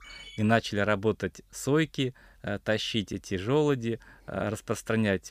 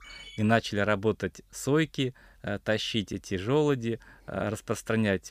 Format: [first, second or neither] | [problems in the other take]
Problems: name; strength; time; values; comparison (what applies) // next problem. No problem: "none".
neither | phone ringing; faint; at the start; peak 15 dB below the speech; the same in both